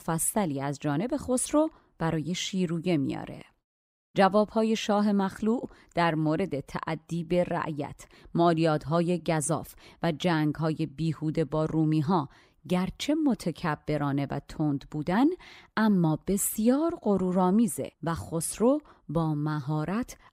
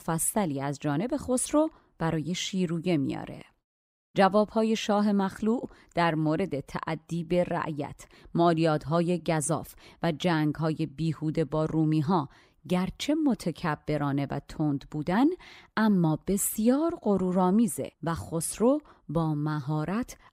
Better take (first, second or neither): neither